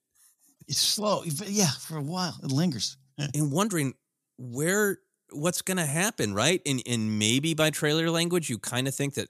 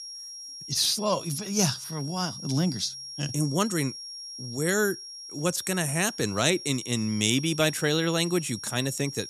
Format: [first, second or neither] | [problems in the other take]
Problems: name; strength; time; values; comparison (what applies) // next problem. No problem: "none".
first | high-pitched whine; noticeable; throughout; 5.5 kHz, 10 dB below the speech